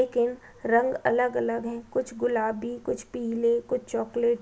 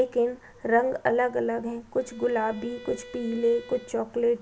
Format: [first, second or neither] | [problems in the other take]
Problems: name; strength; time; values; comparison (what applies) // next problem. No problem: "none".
first | background sound (Bowed string instrument); 19 dB below the speech